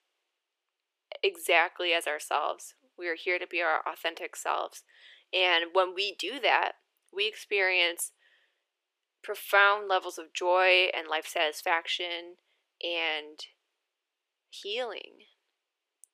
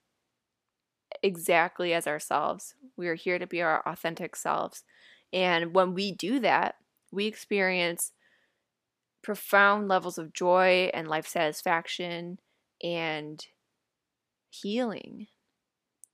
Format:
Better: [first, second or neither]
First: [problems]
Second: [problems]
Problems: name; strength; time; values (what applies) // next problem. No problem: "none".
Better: second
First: thin; very; fading below 350 Hz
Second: none